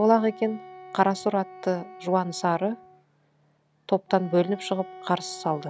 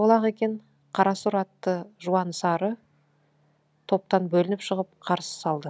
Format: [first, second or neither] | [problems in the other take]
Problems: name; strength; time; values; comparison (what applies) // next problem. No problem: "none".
second | background sound (Wind instrument, woodwind instrument); 18 dB below the speech